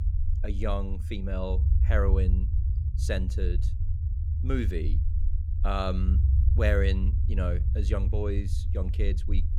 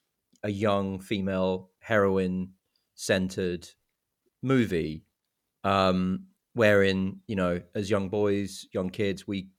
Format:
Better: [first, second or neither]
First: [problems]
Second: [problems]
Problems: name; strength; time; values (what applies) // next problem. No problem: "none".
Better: second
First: low rumble; noticeable; throughout; 10 dB below the speech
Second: none